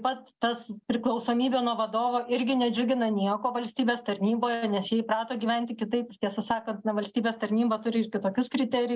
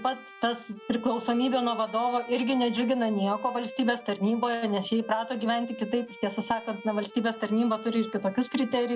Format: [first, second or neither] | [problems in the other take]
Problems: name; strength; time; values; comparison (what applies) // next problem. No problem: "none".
first | background sound (Bowed string instrument); 16 dB below the speech